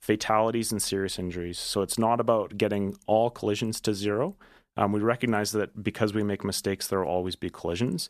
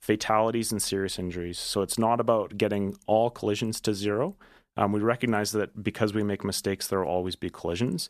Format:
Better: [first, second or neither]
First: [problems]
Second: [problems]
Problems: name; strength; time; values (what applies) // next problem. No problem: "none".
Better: neither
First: none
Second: none